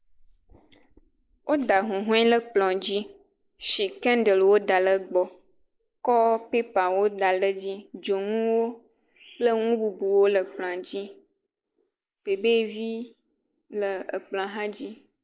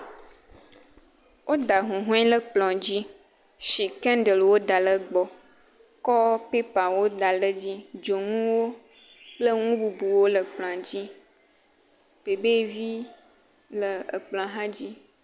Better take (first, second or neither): second